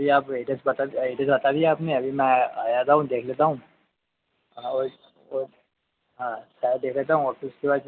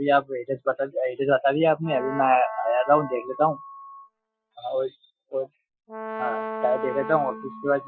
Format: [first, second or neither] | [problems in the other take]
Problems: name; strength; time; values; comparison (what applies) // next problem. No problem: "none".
first | noise reduction (classical method Wiener filter)